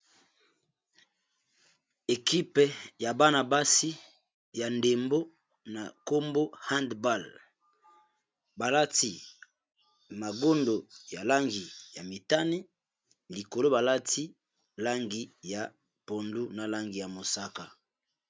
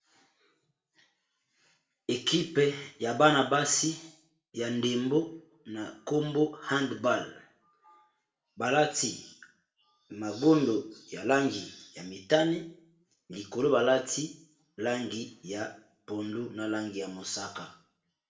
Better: first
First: none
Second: room echo; dies away in 0.4 s

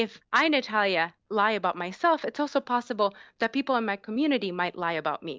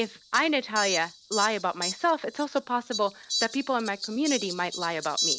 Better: first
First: none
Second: background sound (Fowl); 6 dB below the speech

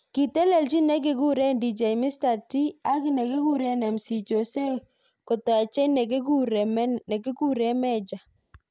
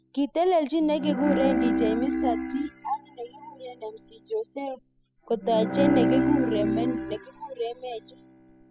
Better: first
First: none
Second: noise reduction (classical method spectral subtraction)

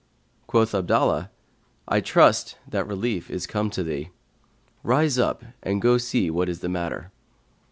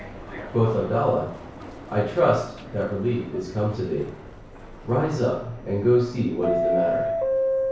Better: first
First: none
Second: background sound (Subway, metro, underground); 5 dB below the speech // room echo; dies away in 0.6 s

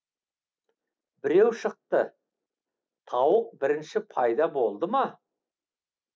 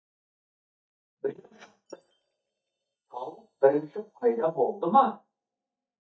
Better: first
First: none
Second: noise reduction (neural mask model DeepFilterNet 3)

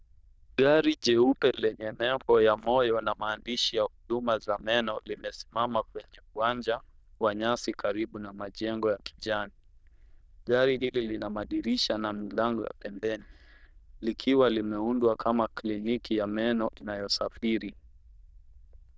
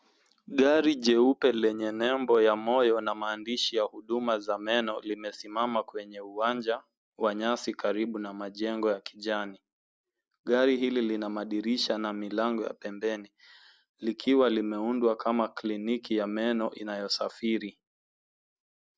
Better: second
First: noise reduction (neural diffusion model UNIVERSE++)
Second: none

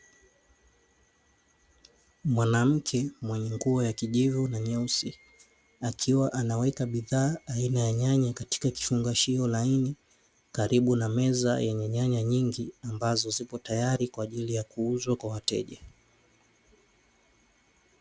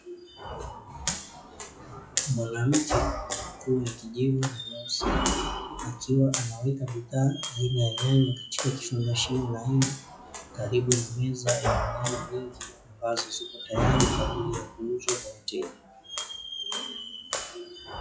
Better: first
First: none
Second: noise reduction (classical method WPE with log-MMSE)

